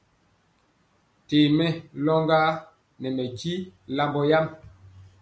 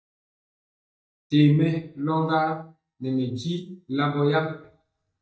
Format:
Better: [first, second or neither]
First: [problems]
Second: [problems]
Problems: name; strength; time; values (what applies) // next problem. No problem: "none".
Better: first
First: none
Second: noise reduction (neural mask model DeepFilterNet 3)